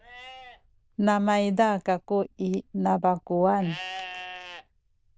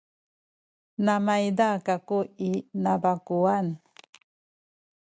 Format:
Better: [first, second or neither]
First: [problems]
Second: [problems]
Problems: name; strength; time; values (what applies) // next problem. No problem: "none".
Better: second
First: noise reduction (neural diffusion model UNIVERSE++)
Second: none